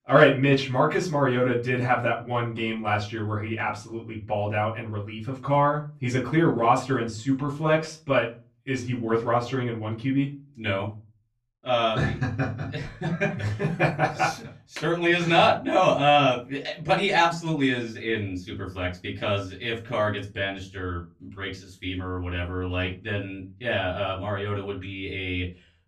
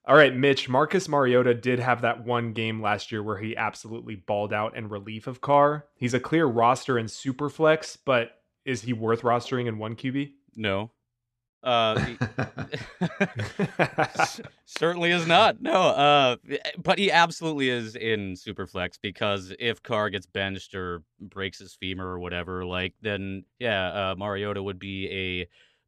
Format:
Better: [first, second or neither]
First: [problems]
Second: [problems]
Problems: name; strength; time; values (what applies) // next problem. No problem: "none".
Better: second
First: off-mic speech; far // room echo; very slight; dies away in 0.3 s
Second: none